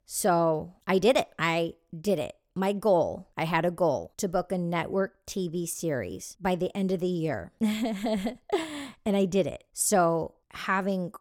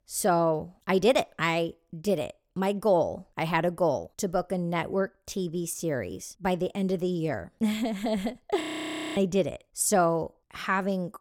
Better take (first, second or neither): first